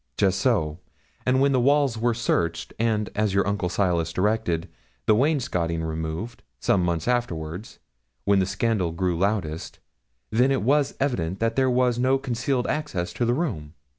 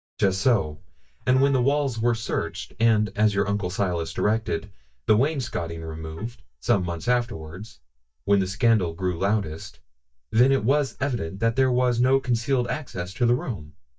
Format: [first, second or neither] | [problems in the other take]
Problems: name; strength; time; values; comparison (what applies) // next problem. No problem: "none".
first | noise reduction (neural mask model DeepFilterNet 3)